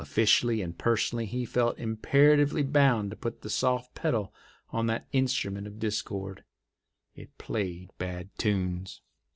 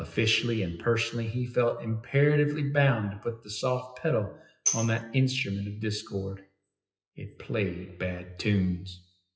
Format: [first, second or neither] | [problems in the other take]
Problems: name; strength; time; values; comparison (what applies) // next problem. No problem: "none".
first | noise reduction (classical method WPE with log-MMSE)